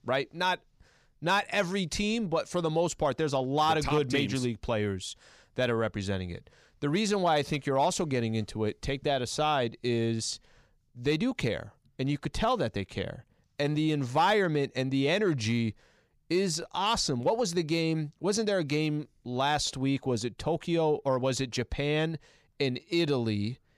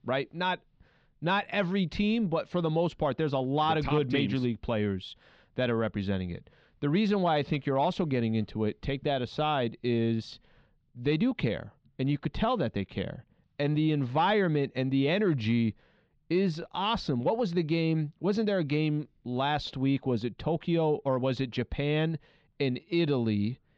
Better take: first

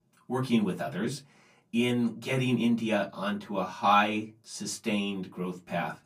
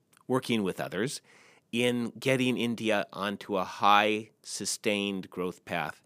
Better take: second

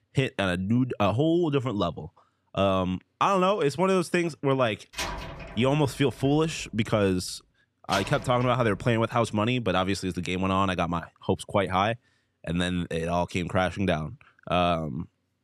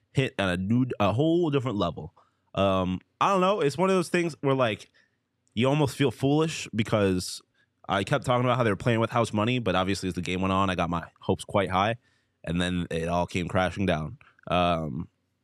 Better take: second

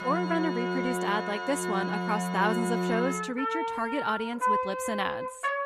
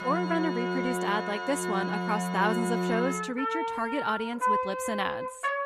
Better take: neither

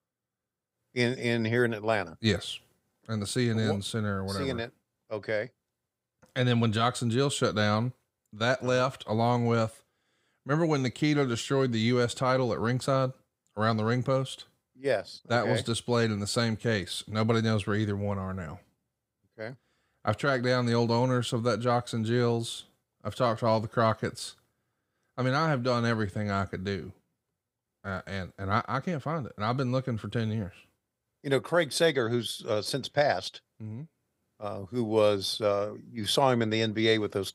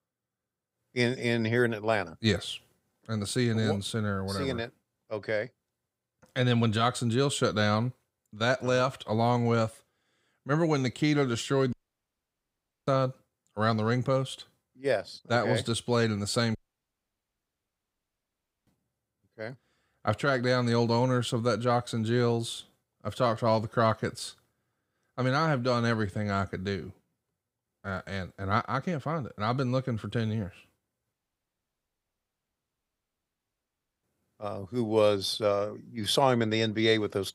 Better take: first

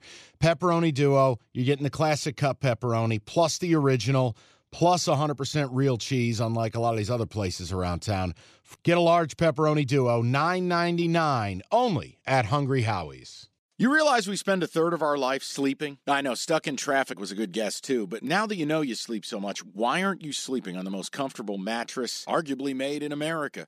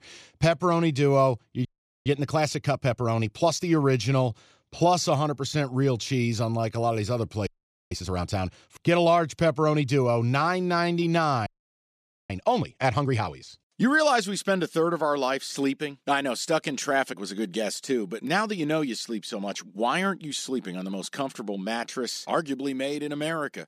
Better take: first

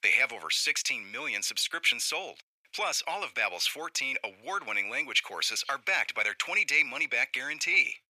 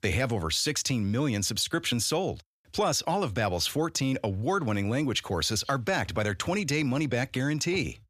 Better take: second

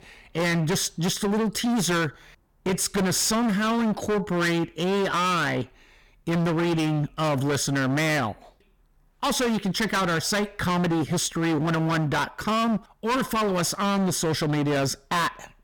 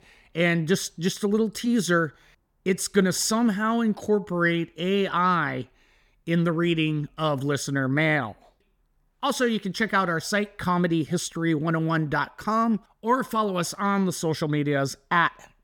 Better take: second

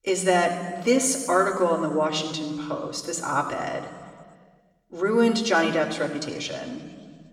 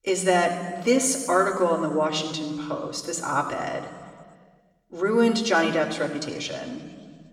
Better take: neither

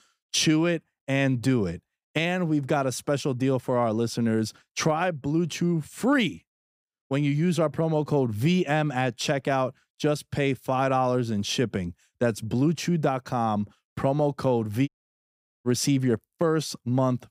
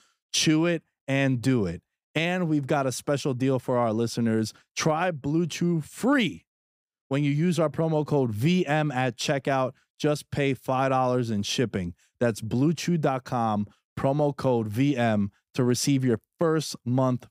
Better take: second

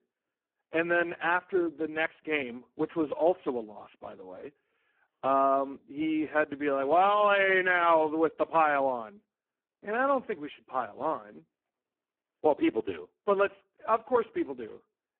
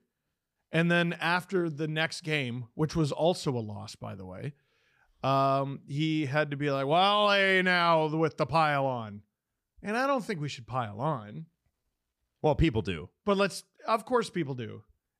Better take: second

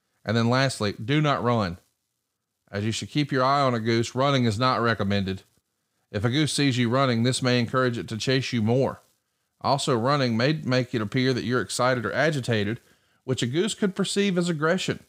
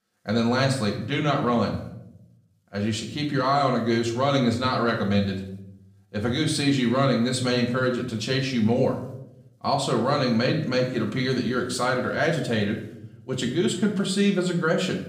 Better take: first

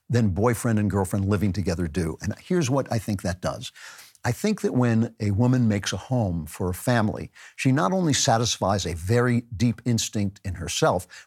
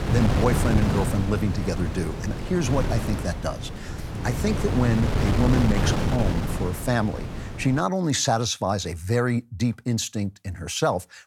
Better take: first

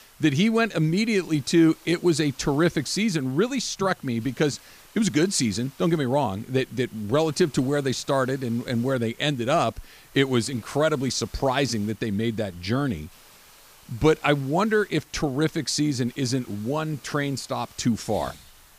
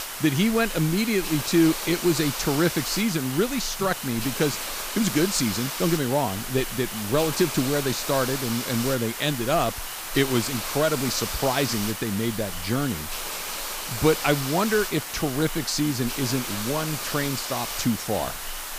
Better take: first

